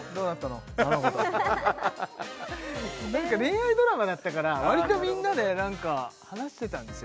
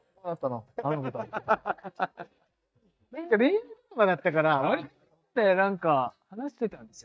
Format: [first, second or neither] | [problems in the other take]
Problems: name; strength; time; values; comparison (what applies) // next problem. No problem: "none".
first | noise reduction (neural mask model DeepFilterNet 3)